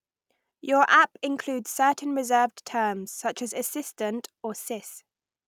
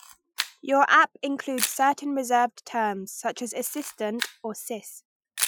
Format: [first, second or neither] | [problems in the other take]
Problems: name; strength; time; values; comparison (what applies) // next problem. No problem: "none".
first | noise reduction (classical method Wiener filter)